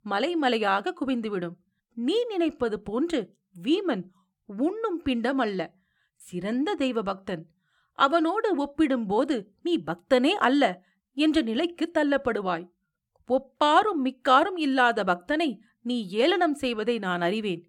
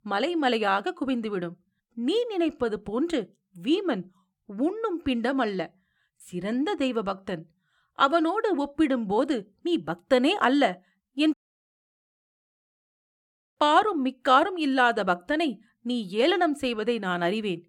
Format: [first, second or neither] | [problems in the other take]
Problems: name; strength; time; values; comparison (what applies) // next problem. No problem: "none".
first | audio cutting out; at 11 s for 2 s